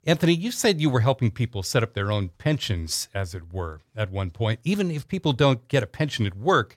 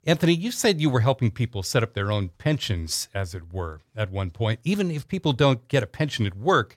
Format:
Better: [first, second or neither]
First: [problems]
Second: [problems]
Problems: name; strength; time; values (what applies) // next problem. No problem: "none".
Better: neither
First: none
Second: none